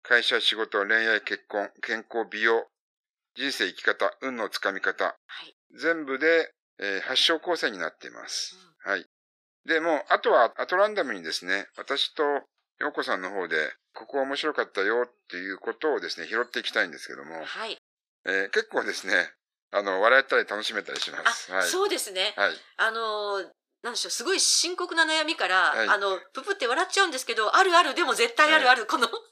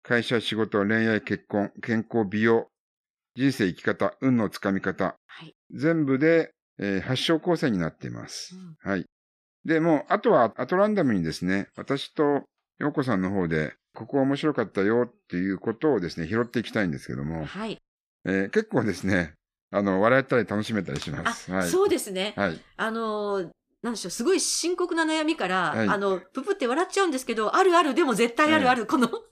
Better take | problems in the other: second | thin; very; fading below 450 Hz

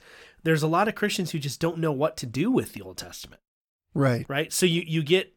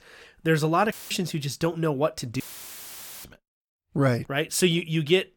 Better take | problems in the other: first | audio cutting out; filled with static; at 1 s and at 2.5 s for 1 s

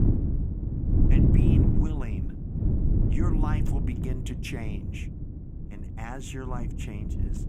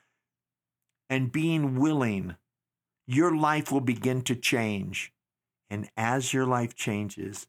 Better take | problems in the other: second | wind noise on the microphone; heavy; 3 dB above the speech

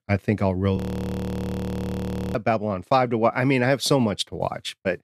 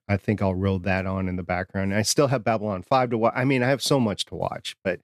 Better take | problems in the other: second | audio freezing; at 1 s for 1.5 s

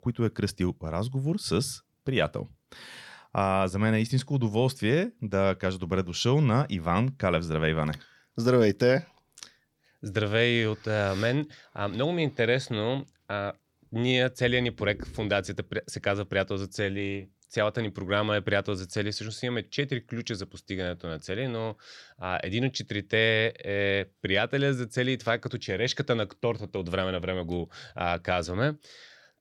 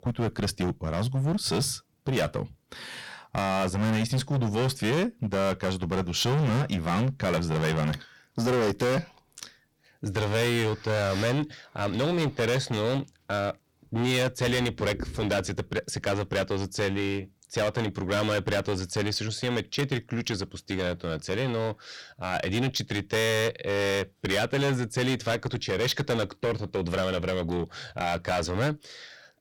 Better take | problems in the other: first | distortion; heavy; 16% of the sound clipped

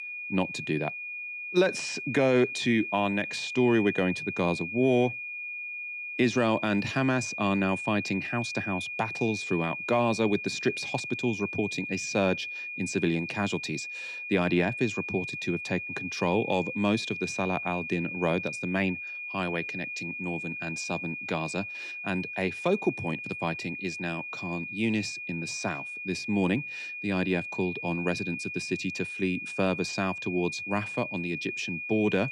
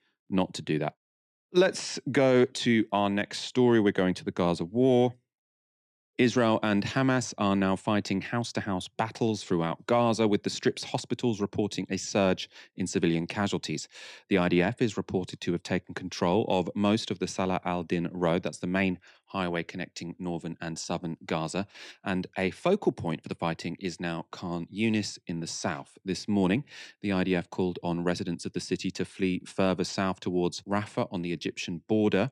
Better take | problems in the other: second | high-pitched whine; loud; throughout; 2.5 kHz, 5 dB below the speech

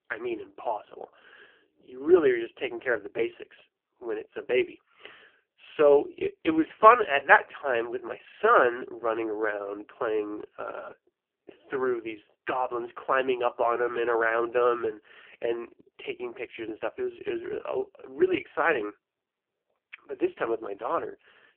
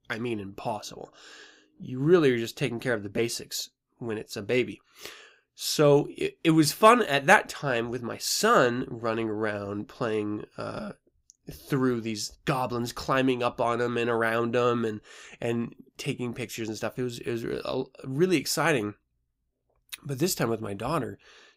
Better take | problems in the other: second | phone-call audio; poor line

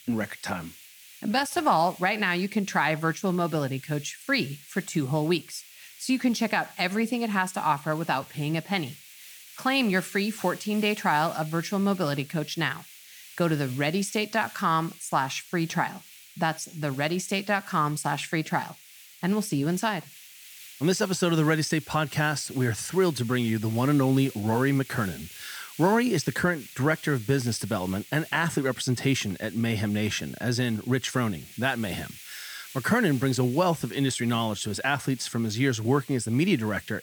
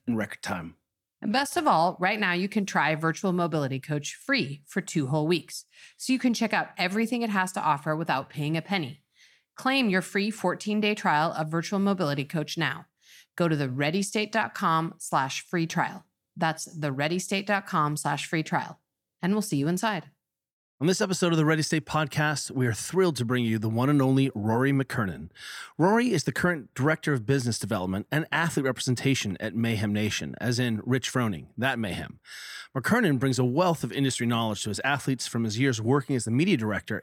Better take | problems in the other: second | hiss; noticeable; throughout; 20 dB below the speech

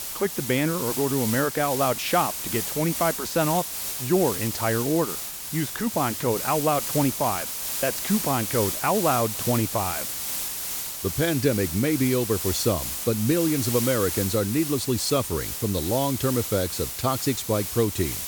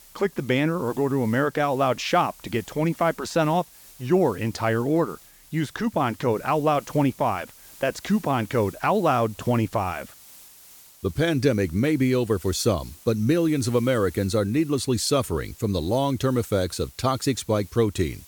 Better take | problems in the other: second | hiss; loud; throughout; 3 dB below the speech; faint in the second

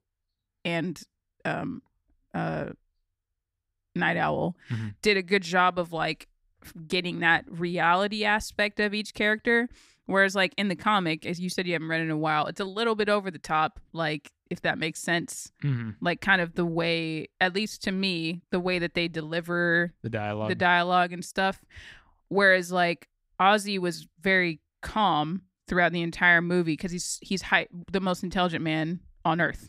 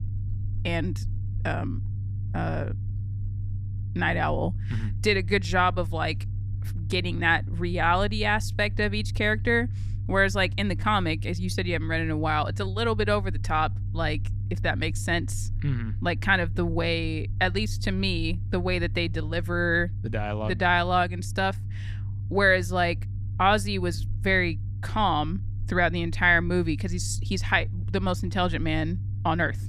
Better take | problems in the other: first | low rumble; faint; throughout; 20 dB below the speech

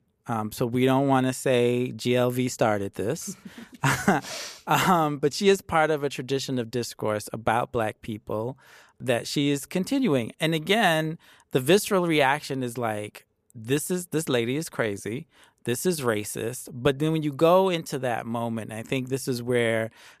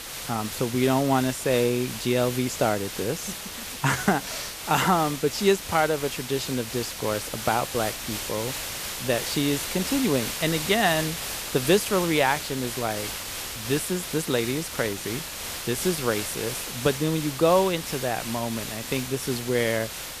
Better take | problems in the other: first | hiss; loud; throughout; 6 dB below the speech

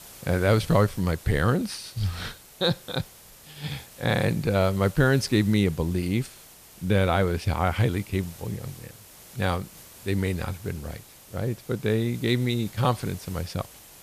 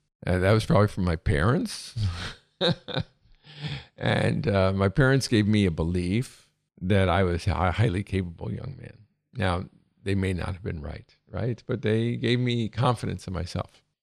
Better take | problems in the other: second | hiss; noticeable; throughout; 20 dB below the speech

